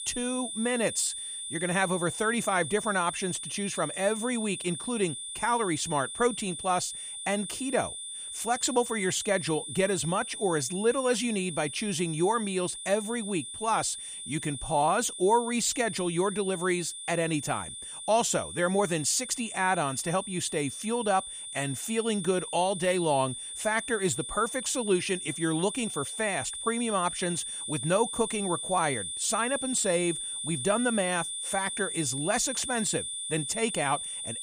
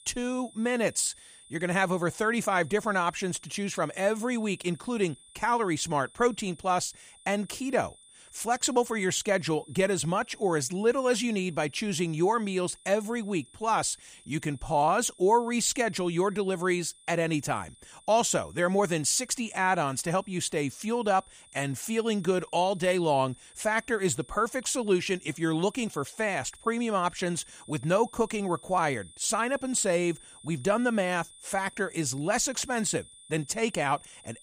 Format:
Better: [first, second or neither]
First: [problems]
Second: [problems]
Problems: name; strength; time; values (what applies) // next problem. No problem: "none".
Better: second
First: high-pitched whine; loud; throughout; 9.5 kHz, 6 dB below the speech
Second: high-pitched whine; faint; throughout; 9.5 kHz, 25 dB below the speech